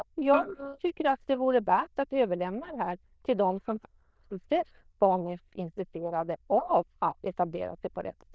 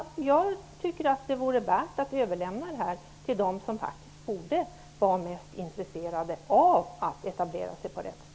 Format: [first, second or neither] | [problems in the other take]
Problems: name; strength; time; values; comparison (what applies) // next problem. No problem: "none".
second | noise reduction (neural diffusion model UNIVERSE++)